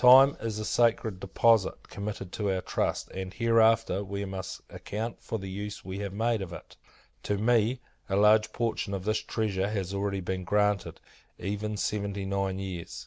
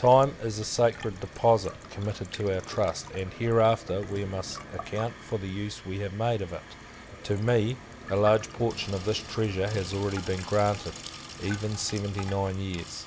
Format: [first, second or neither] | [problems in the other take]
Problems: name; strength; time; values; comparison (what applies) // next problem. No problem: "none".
first | background sound (Sink (filling or washing) / Water tap, faucet); 15 dB below the speech